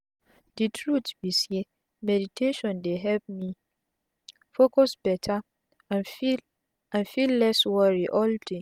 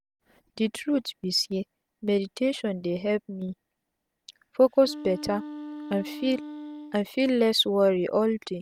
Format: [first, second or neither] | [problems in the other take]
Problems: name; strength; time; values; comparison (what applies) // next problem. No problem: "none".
first | background sound (Wind instrument, woodwind instrument); 12 dB below the speech